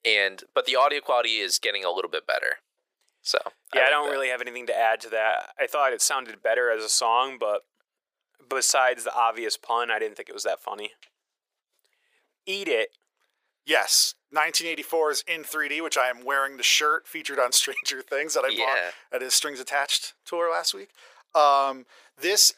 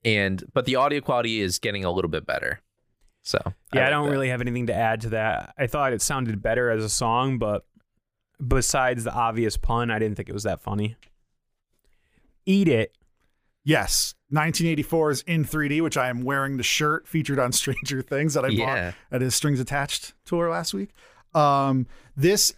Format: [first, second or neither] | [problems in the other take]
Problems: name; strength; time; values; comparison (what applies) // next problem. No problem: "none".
second | thin; very; fading below 450 Hz